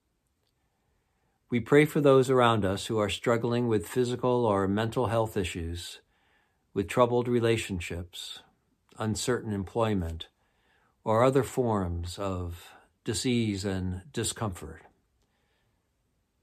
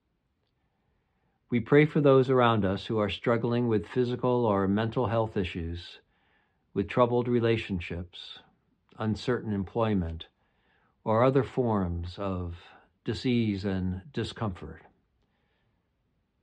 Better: first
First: none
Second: muffled; slightly; fading above 4 kHz

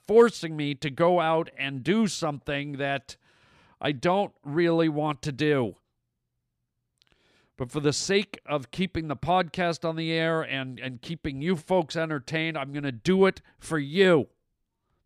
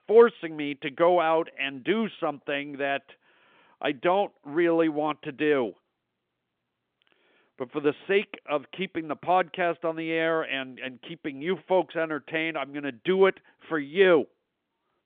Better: first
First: none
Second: phone-call audio; nothing above 3.5 kHz

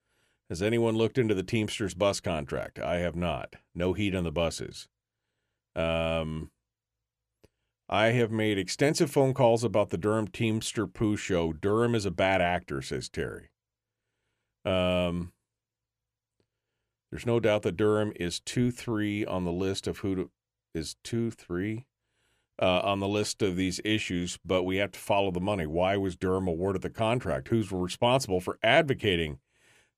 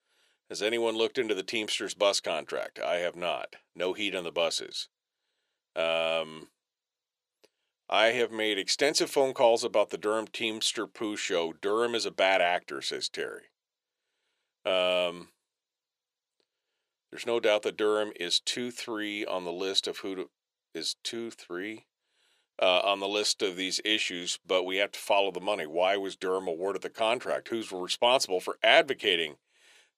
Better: first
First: none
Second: thin; somewhat; fading below 450 Hz

